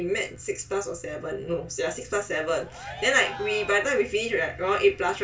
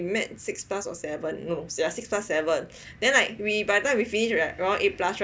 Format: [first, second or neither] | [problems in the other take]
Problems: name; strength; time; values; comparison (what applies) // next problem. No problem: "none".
second | background sound (Cheering); 15 dB below the speech // room echo; dies away in 0.2 s